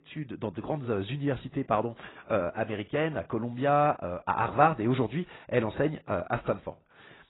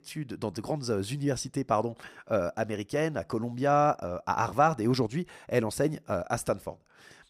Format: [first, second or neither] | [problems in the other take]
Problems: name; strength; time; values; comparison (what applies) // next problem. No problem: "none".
second | garbled, watery; badly; nothing above 4 kHz